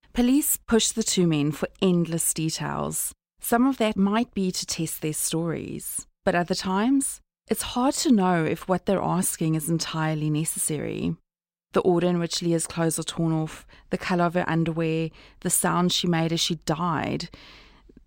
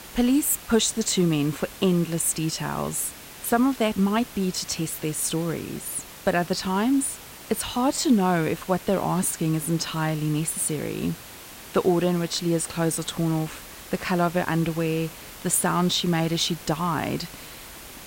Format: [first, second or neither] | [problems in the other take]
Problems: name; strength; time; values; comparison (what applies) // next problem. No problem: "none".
first | hiss; noticeable; throughout; 15 dB below the speech